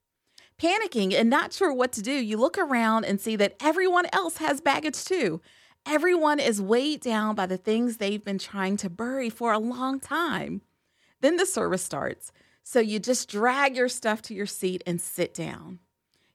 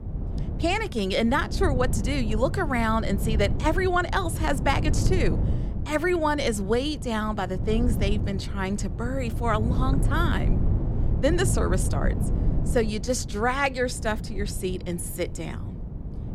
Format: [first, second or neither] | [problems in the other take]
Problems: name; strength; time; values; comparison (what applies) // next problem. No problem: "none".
first | wind noise on the microphone; occasional gusts; 15 dB below the speech